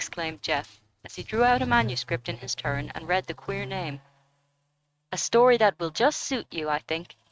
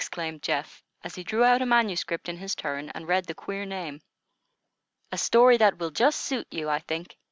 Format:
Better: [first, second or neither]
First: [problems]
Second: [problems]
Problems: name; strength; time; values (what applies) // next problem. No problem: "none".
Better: second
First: noise reduction (neural mask model RNNoise)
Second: none